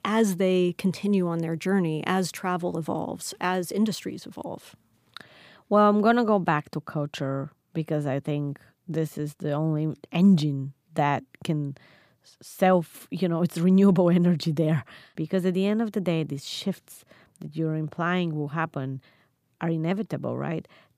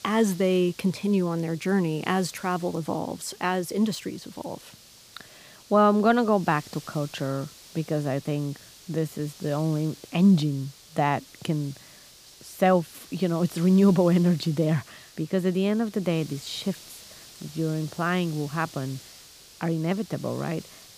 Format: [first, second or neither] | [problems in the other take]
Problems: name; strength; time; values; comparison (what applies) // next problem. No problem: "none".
first | hiss; faint; throughout; 20 dB below the speech